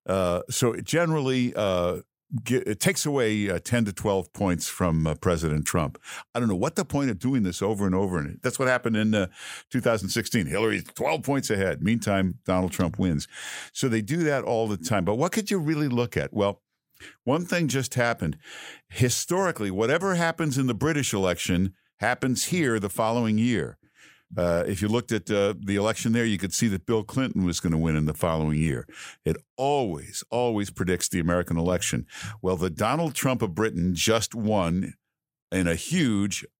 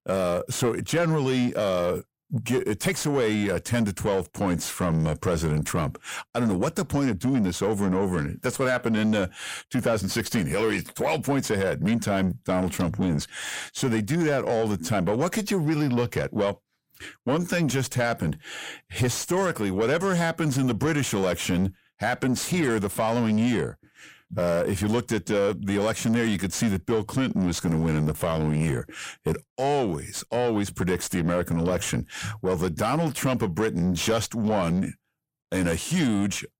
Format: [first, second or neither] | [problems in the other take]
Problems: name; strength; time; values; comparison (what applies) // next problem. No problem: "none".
first | distortion; slight; 10 dB below the speech